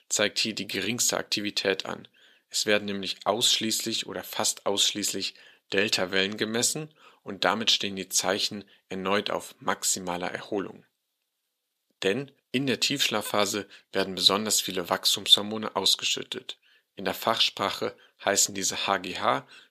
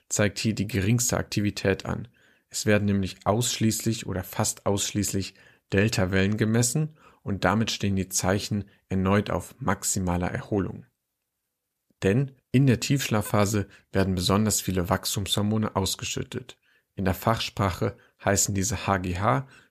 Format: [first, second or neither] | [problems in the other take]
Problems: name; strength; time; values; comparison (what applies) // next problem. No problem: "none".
second | thin; somewhat; fading below 300 Hz